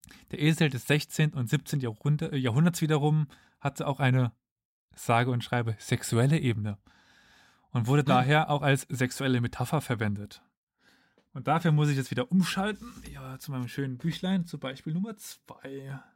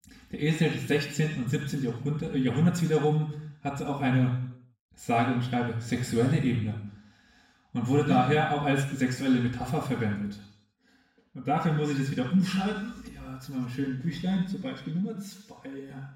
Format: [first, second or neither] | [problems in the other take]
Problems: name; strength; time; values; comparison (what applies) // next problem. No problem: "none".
first | room echo; noticeable; dies away in 0.7 s // off-mic speech; far